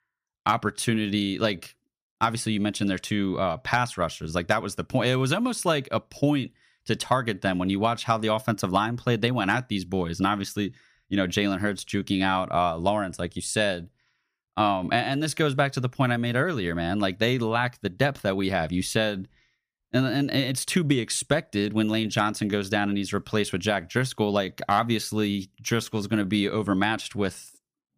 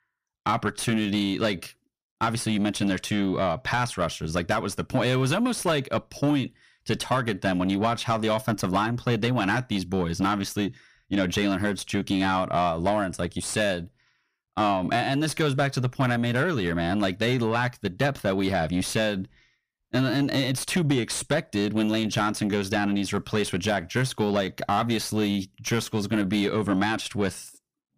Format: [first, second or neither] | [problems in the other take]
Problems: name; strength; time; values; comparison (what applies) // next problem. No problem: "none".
first | distortion; slight; 10 dB below the speech